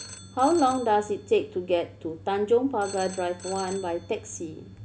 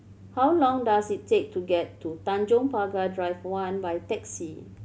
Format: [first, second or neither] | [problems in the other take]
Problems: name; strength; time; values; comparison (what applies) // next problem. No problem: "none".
second | background sound (Telephone); 18 dB below the speech